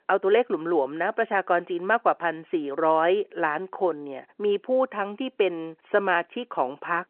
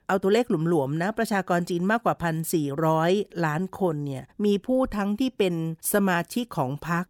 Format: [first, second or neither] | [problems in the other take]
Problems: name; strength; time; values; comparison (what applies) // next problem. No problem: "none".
second | phone-call audio